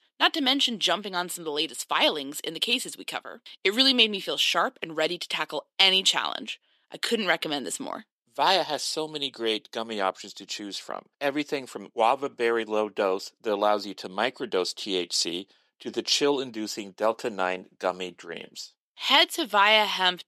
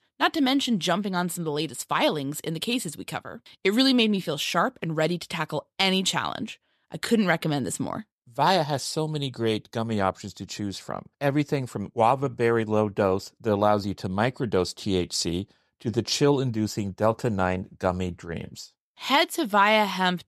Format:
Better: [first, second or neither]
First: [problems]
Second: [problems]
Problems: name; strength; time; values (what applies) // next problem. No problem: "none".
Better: second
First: thin; very slightly; fading below 300 Hz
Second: none